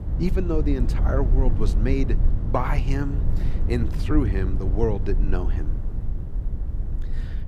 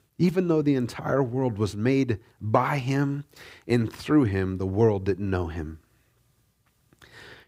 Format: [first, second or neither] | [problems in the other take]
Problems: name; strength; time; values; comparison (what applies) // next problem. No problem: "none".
second | low rumble; noticeable; throughout; 10 dB below the speech